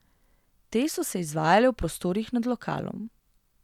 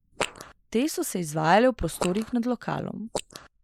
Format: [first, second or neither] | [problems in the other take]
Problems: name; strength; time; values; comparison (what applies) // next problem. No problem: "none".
first | noise reduction (neural mask model Resemble Enhance denoiser)